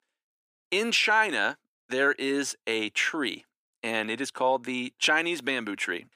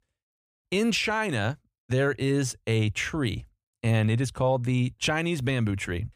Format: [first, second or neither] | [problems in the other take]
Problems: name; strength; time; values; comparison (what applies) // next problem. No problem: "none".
second | thin; somewhat; fading below 300 Hz